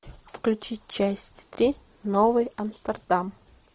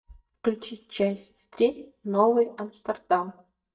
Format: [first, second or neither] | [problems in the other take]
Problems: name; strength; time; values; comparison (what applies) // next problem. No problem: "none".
first | noise reduction (neural mask model DeepFilterNet 3)